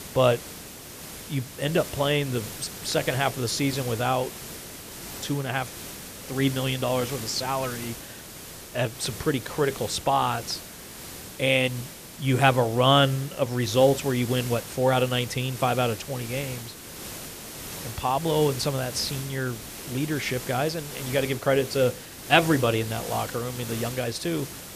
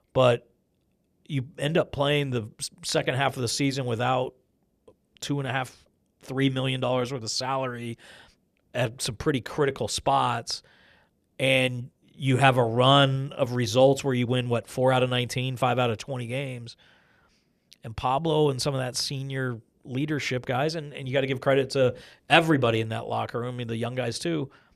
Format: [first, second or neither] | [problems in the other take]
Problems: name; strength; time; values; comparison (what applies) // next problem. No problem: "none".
second | hiss; noticeable; throughout; 10 dB below the speech